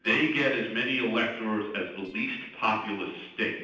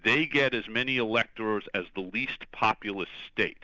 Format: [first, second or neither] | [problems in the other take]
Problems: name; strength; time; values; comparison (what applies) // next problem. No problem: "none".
second | noise reduction (neural separator model SepFormer DNS4)